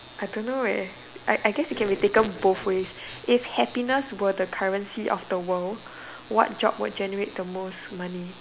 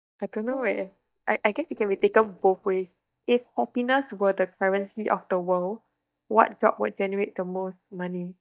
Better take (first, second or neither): first